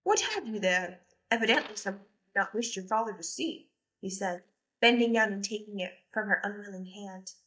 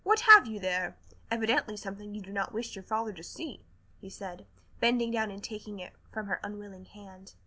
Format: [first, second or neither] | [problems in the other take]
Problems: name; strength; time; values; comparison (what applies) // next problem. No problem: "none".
second | noise reduction (neural mask model DeepFilterNet 3)